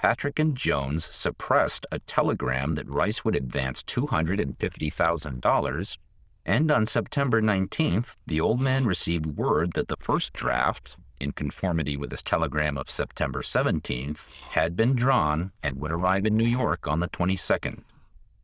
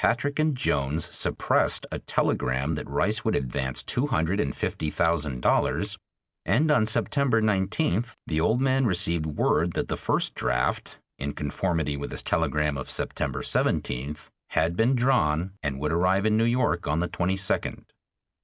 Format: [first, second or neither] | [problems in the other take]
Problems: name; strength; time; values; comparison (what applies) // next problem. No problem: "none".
second | noise reduction (neural diffusion model UNIVERSE++)